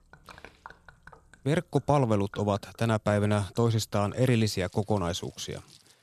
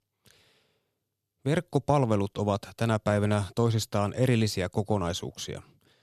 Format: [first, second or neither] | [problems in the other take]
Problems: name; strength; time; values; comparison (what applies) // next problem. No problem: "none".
second | rain or running water; faint; throughout; 25 dB below the speech